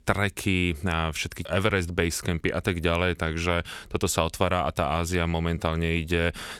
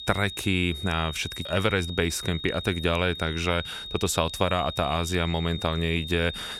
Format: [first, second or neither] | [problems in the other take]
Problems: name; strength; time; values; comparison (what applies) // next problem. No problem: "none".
first | high-pitched whine; loud; throughout; 3.5 kHz, 9 dB below the speech